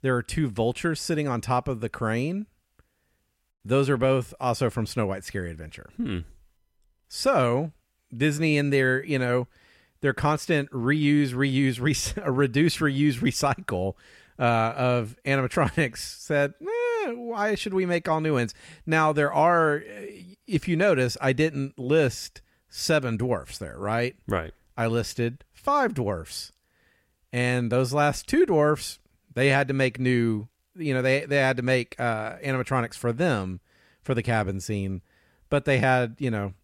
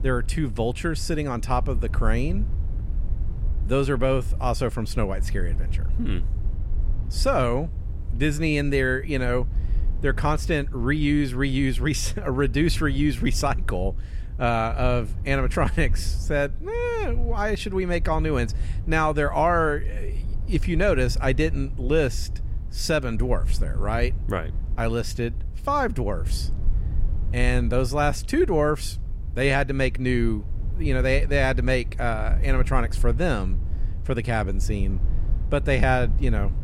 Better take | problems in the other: first | low rumble; faint; throughout; 20 dB below the speech

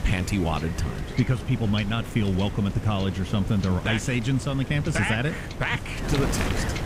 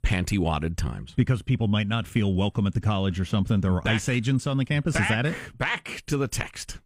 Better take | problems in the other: second | wind noise on the microphone; heavy; 7 dB below the speech

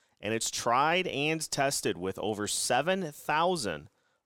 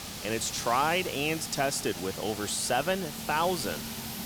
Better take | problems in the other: first | hiss; loud; throughout; 8 dB below the speech

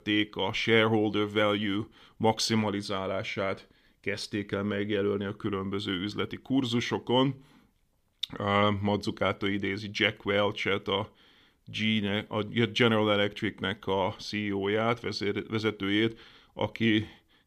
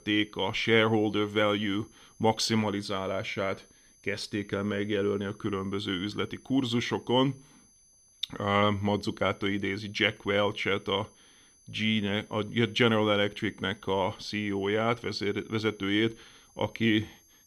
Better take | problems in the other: first | high-pitched whine; faint; throughout; 6 kHz, 30 dB below the speech

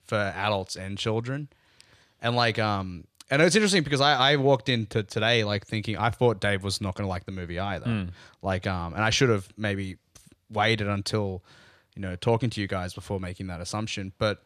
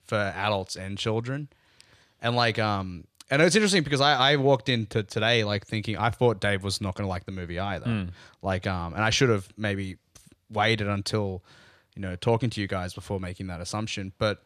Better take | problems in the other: neither | none

